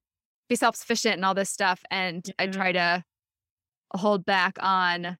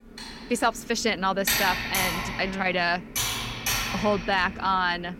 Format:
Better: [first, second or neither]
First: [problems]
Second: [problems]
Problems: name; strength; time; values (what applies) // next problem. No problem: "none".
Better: first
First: none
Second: keyboard typing; loud; peak 2 dB above the speech